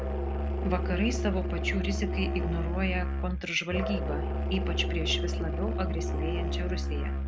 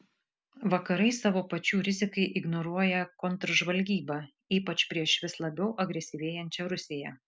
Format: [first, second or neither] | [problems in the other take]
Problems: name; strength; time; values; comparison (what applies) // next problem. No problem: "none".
second | background sound (Musical instrument); 4 dB above the speech